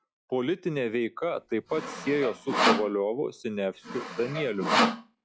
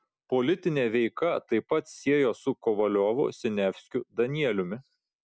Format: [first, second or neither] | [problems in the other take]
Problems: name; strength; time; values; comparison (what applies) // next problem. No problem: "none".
second | noise reduction (classical method log-MMSE)